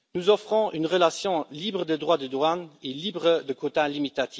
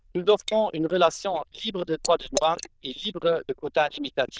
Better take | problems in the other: first | noise reduction (neural diffusion model UNIVERSE++)

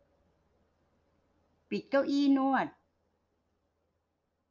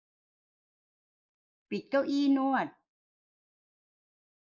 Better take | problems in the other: first | noise reduction (neural mask model Resemble Enhance denoiser)

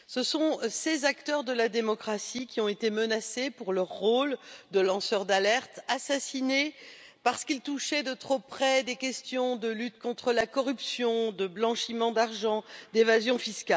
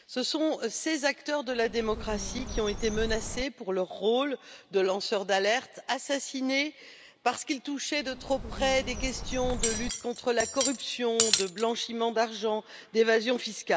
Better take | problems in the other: first | background sound (Cutlery, silverware + Bird); 5 dB below the speech

